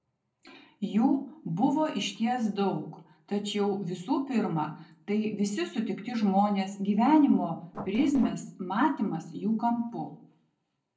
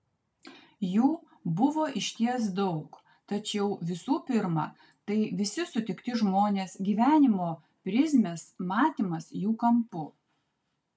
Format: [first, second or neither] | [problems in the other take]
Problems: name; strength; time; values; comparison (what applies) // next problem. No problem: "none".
second | noise reduction (neural separator model SepFormer DNS4)